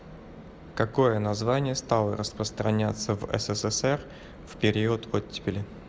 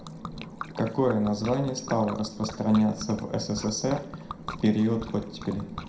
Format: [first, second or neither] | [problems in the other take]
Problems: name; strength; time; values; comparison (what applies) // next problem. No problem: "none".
first | background sound (Liquid); 14 dB below the speech // room echo; dies away in 0.4 s